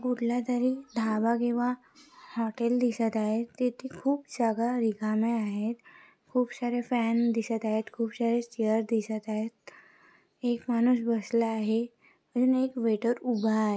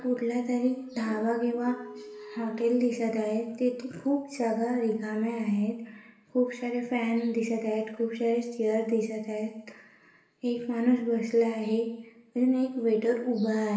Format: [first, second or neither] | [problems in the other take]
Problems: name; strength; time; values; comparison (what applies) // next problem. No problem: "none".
first | background sound (Telephone); 15 dB below the speech // room echo; dies away in 0.8 s